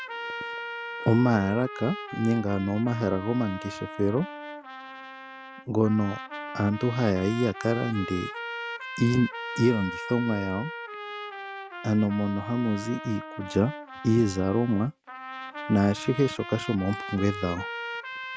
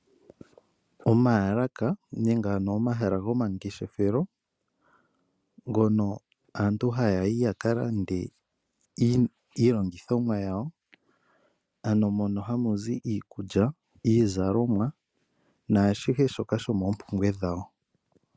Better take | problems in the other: second | background sound (Trumpet); 10 dB below the speech

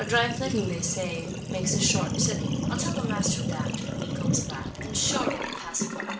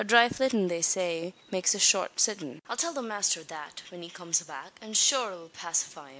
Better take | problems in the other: second | background sound (Sink (filling or washing)); 1 dB above the speech // room echo; dies away in 0.4 s

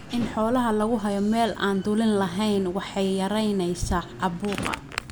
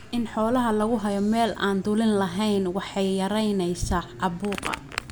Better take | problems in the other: second | background sound (Slam); 17 dB below the speech

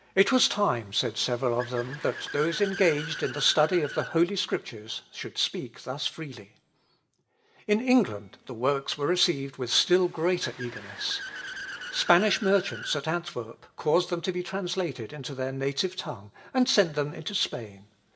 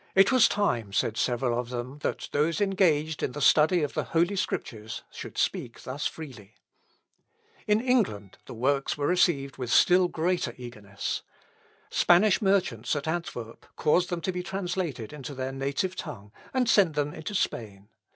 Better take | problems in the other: second | background sound (Accelerating, revving, vroom / Car); 16 dB below the speech // room echo; dies away in 0.5 s

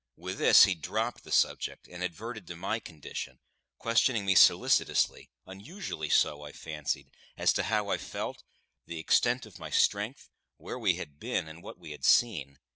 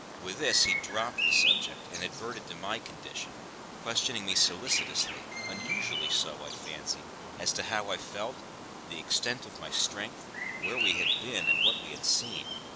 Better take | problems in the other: first | background sound (Bird vocalization, bird call, bird song); as loud as the speech

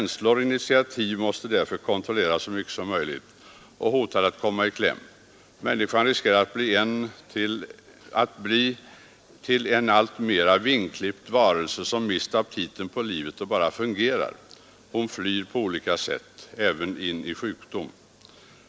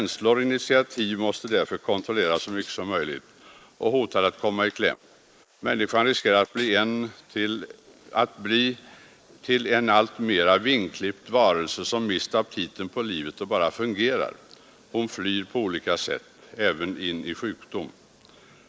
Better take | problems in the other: first | noise reduction (neural mask model Resemble Enhance denoiser)

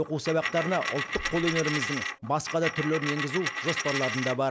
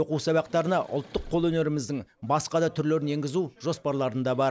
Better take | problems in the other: second | background sound (Coin (dropping)); 4 dB below the speech

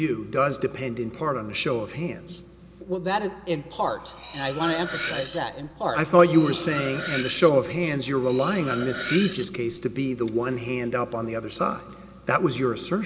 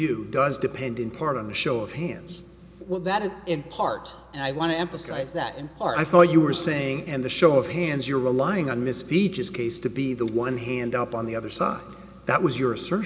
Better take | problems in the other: second | background sound (Cutlery, silverware); 10 dB below the speech

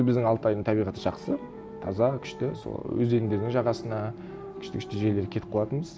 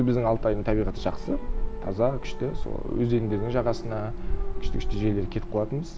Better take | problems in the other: first | background sound (Cricket); 1 dB below the speech

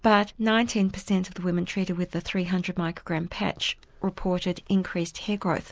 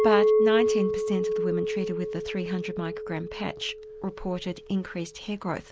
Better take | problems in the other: first | background sound (Chink, clink); 3 dB above the speech

